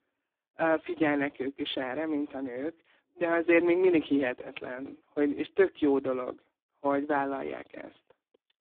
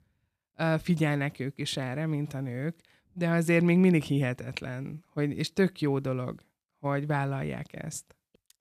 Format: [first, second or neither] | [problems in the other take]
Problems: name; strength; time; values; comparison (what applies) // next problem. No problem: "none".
second | phone-call audio; poor line